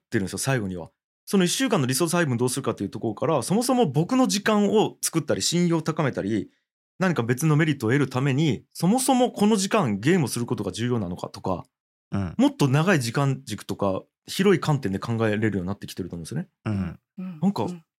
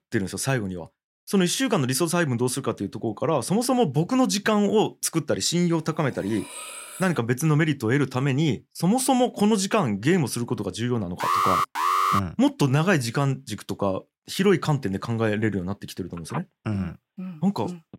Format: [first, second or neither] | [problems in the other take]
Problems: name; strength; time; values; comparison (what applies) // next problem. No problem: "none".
first | clattering dishes; faint; from 6 to 7 s; peak 10 dB below the speech // alarm; loud; from 11 to 12 s; peak 3 dB above the speech // phone ringing; faint; from 16 s on; peak 15 dB below the speech